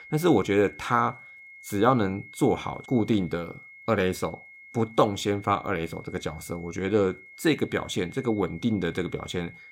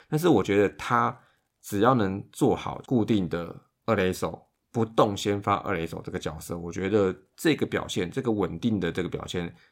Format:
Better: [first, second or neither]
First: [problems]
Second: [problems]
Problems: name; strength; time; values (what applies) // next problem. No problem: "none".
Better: second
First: high-pitched whine; noticeable; throughout; 2 kHz, 20 dB below the speech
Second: none